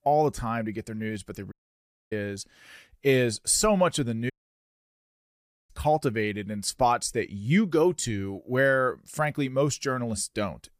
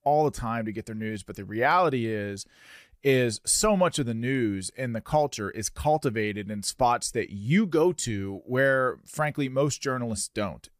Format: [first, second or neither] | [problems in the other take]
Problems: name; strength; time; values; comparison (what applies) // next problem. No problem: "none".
second | audio cutting out; at 1.5 s for 0.5 s and at 4.5 s for 1.5 s